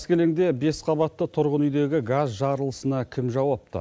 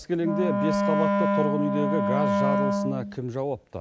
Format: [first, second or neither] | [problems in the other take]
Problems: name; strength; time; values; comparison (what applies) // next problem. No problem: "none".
first | background sound (Wind instrument, woodwind instrument); 4 dB above the speech